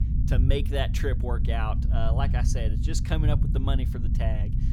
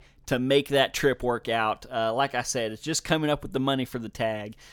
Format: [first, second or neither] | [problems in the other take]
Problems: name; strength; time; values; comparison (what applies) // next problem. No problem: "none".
second | low rumble; loud; throughout; 7 dB below the speech